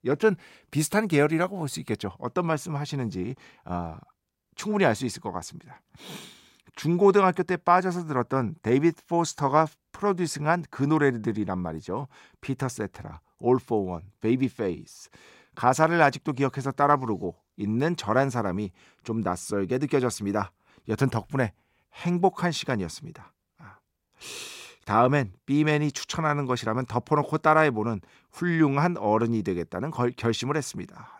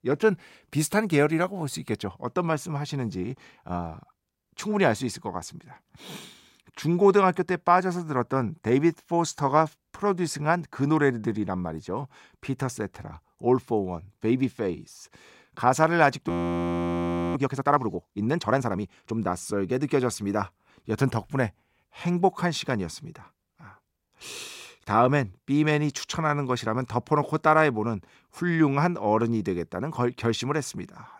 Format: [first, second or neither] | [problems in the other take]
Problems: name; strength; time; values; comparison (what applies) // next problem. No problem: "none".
first | audio freezing; at 16 s for 1 s